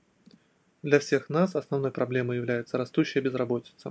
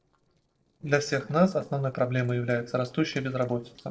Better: first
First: none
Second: noise reduction (neural separator model SepFormer DNS4)

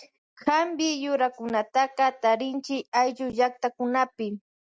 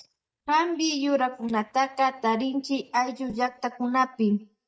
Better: first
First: none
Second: noise reduction (neural mask model DeepFilterNet 3)

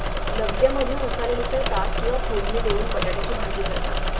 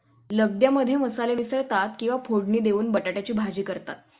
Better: second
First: background sound (Engine / Mechanisms); 4 dB above the speech // room echo; dies away in 0.3 s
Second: none

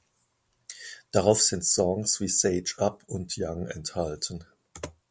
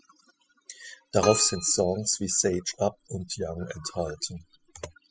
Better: first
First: none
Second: noise reduction (classical method spectral subtraction)

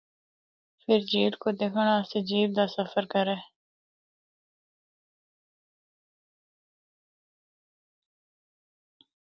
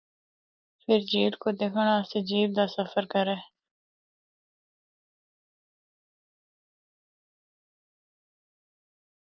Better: first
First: none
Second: noise reduction (neural mask model Resemble Enhance denoiser)

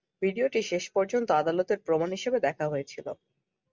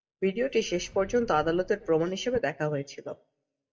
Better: first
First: none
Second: noise reduction (neural mask model DeepFilterNet 3)

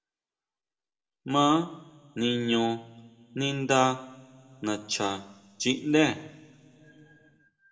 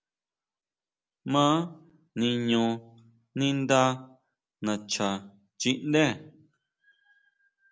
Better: second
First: room echo; dies away in 1.7 s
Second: none

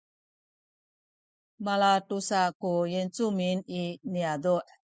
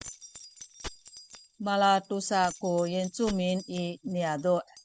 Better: first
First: none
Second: background sound (Keys jangling); 17 dB below the speech

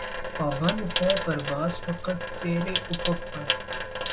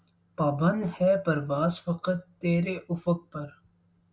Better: second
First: background sound (Sink (filling or washing) / Water tap, faucet); 2 dB below the speech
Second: none

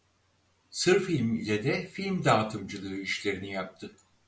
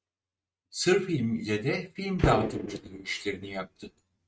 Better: first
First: none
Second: noise reduction (neural mask model RNNoise)

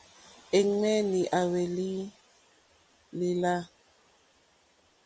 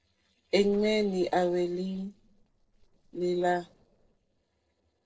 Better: first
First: none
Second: noise reduction (neural separator model SepFormer DNS4)

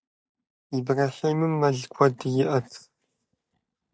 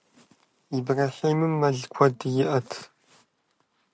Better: second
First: noise reduction (neural mask model DeepFilterNet 3)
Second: none

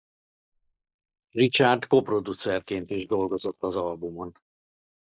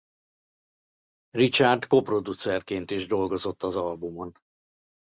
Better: second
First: noise reduction (neural mask model Resemble Enhance denoiser)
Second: none

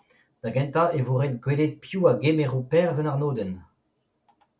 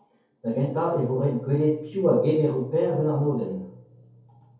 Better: first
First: none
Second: room echo; dies away in 2.3 s

